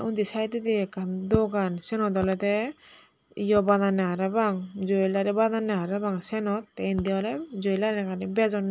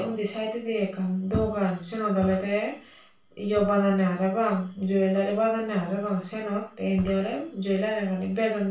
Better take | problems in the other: first | room echo; dies away in 0.3 s

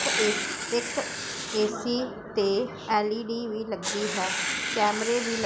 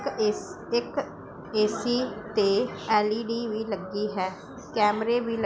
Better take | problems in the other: second | background sound (Writing); 4 dB below the speech

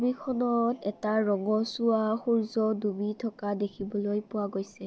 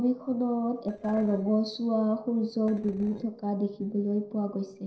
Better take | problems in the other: first | noise reduction (neural separator model SepFormer DNS4)

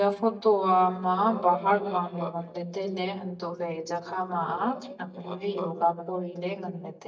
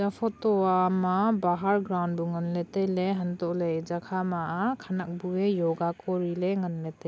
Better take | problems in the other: second | noise reduction (neural mask model DeepFilterNet 3)

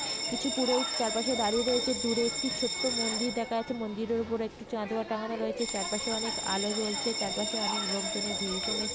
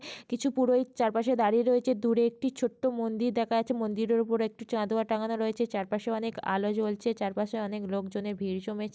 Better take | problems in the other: second | background sound (Bell); 1 dB below the speech

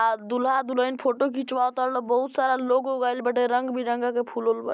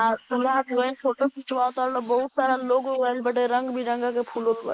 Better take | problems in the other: first | noise reduction (neural mask model Resemble Enhance denoiser)

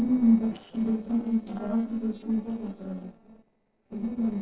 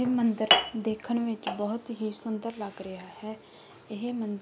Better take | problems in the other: second | noise reduction (neural separator model SepFormer DNS4)

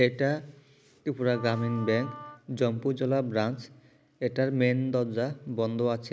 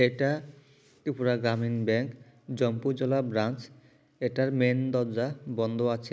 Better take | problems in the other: second | background sound (Wind instrument, woodwind instrument); 17 dB below the speech

